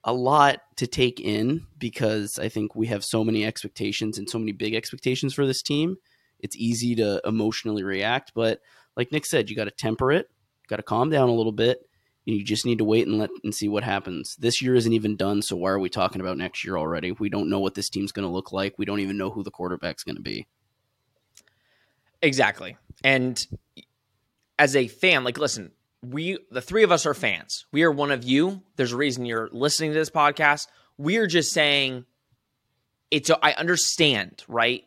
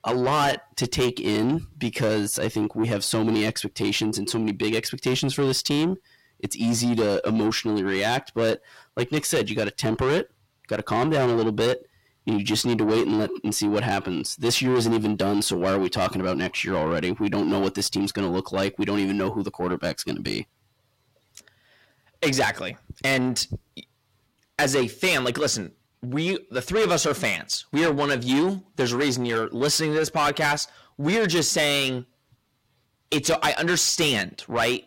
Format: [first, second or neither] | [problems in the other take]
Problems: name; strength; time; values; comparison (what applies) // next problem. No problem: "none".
first | distortion; heavy; 6 dB below the speech